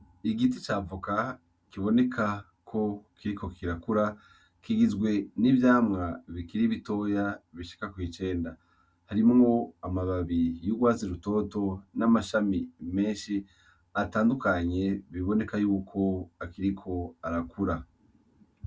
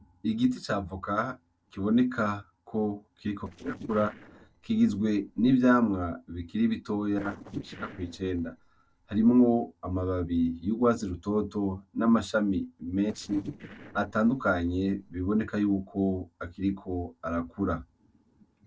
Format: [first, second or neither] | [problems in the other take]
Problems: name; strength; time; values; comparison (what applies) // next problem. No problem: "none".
first | noise reduction (neural separator model SepFormer DNS4)